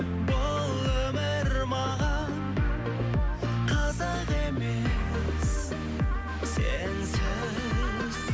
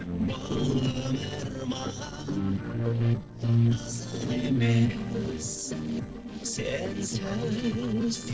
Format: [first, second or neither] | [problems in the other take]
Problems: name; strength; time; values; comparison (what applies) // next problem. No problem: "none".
first | noise reduction (neural separator model SepFormer DNS4)